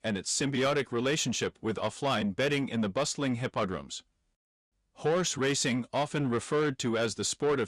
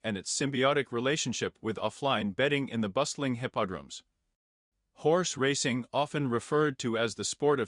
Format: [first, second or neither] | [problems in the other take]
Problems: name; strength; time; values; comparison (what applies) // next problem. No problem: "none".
second | distortion; slight; 10 dB below the speech